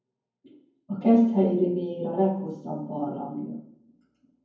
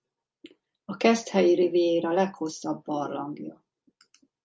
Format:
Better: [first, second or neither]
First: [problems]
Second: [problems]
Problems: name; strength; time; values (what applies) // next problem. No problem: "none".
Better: second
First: room echo; dies away in 0.9 s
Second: none